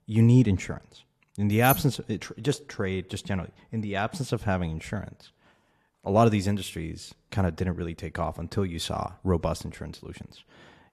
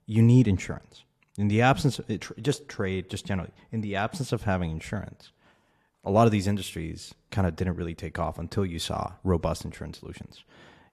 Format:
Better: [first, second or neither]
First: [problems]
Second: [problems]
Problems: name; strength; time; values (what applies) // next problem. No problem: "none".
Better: second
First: jangling keys; noticeable; at 1.5 s; peak 3 dB below the speech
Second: none